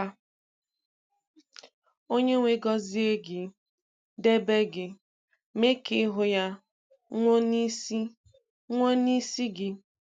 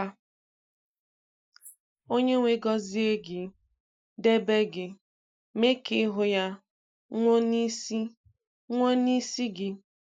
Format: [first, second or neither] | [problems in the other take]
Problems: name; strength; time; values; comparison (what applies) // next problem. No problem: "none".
first | noise reduction (neural mask model Resemble Enhance denoiser)